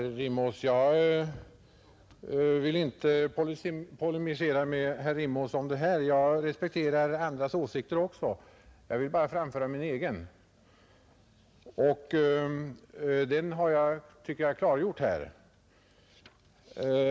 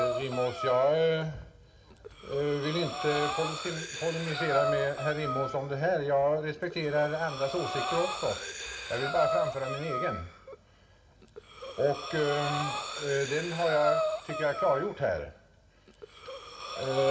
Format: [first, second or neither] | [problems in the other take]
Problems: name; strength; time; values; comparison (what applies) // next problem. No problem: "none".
first | background sound (Breathing); 5 dB below the speech // room echo; dies away in 0.6 s